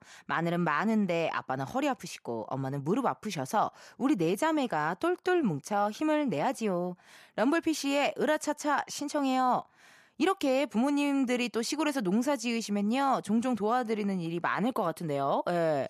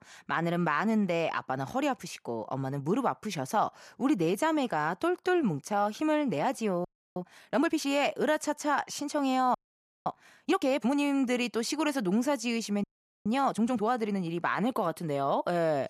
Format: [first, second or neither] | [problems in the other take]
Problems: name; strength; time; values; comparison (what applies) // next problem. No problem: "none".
first | audio freezing; at 7 s, at 9.5 s for 0.5 s and at 13 s